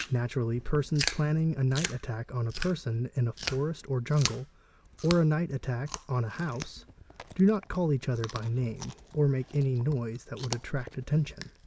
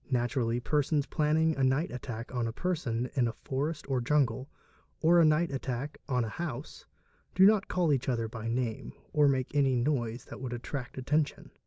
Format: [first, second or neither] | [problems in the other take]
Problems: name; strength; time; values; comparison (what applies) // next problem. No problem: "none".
second | background sound (Chewing, mastication); 12 dB below the speech